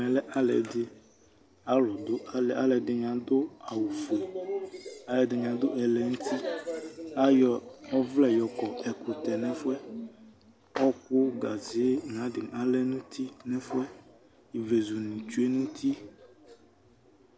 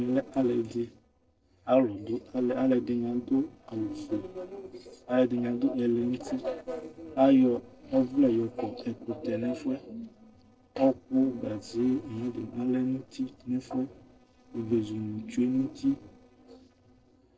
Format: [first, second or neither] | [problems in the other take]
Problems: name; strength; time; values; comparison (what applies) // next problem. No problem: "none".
first | noise reduction (neural separator model SepFormer DNS4)